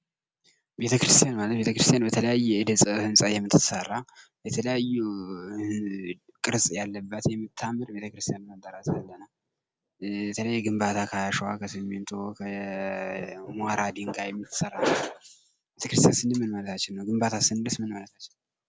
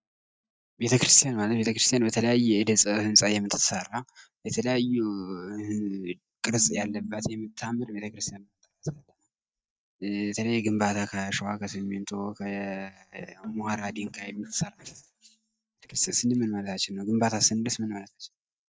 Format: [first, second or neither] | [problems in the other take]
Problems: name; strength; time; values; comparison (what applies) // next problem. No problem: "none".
first | noise reduction (neural mask model DeepFilterNet 3)